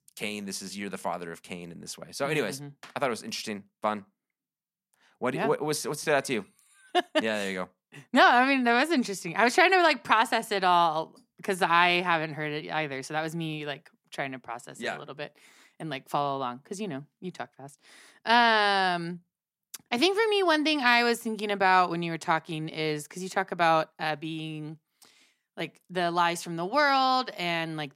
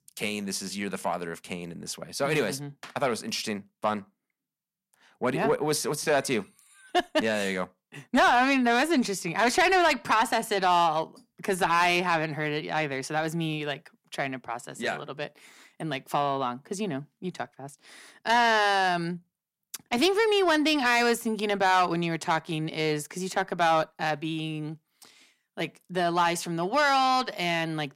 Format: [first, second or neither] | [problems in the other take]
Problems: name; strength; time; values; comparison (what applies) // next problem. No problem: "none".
first | distortion; slight; 10 dB below the speech